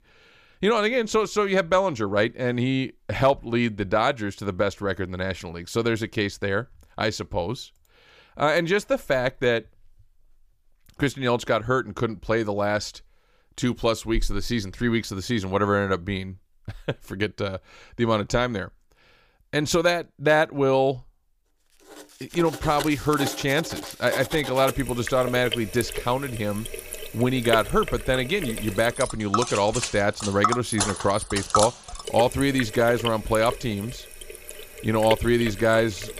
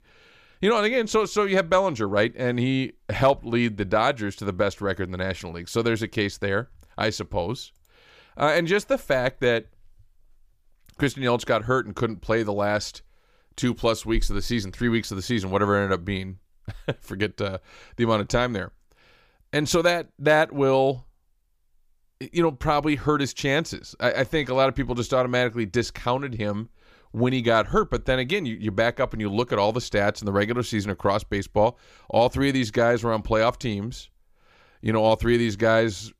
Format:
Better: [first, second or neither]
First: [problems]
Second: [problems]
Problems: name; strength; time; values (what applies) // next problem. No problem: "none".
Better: second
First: household noises; loud; from 22 s on; 7 dB below the speech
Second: none